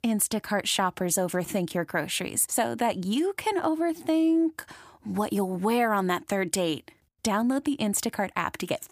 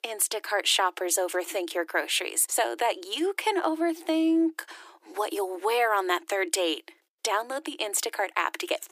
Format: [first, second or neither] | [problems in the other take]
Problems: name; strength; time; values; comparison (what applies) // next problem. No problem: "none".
first | thin; very; fading below 350 Hz